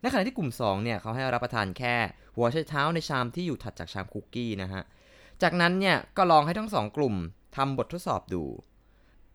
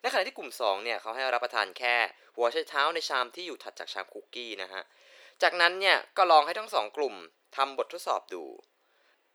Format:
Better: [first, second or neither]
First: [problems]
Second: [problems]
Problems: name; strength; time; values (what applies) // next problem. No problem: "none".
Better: first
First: none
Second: thin; very; fading below 400 Hz